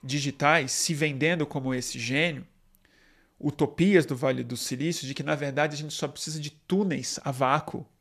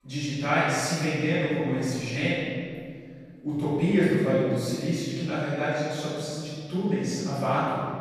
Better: first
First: none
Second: off-mic speech; far // room echo; strong; dies away in 2 s

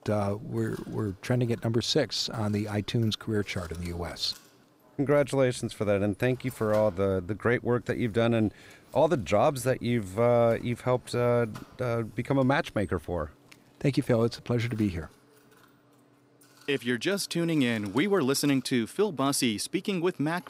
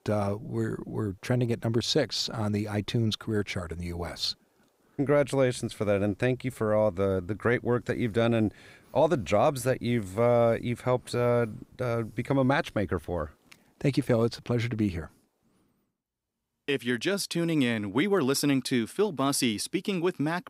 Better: second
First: machinery noise; faint; throughout; 25 dB below the speech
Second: none

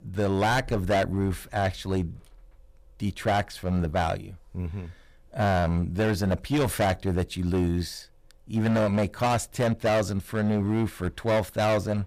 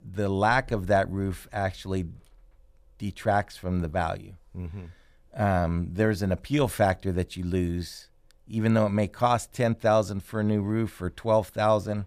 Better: second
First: distortion; heavy; 11% of the sound clipped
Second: none

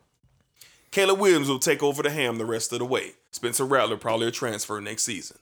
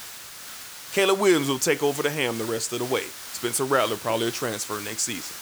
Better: first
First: none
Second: hiss; noticeable; throughout; 10 dB below the speech

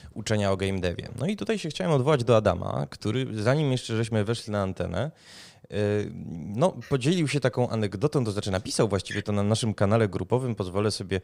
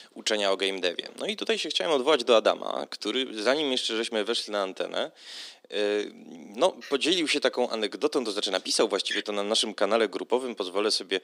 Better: first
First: none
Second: thin; somewhat; fading below 250 Hz

